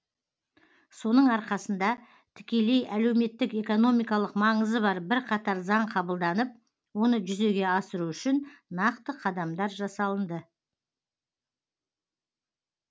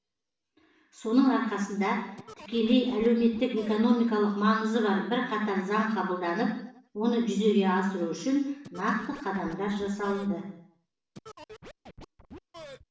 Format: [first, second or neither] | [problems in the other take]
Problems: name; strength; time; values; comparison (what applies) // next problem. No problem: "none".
first | background sound (Scratching (performance technique)); 19 dB below the speech // room echo; dies away in 0.7 s